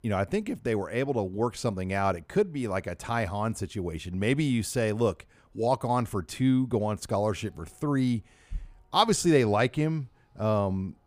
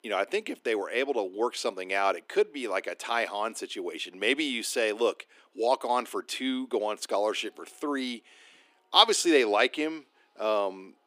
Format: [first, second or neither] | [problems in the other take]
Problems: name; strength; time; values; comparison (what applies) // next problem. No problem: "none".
first | thin; somewhat; fading below 300 Hz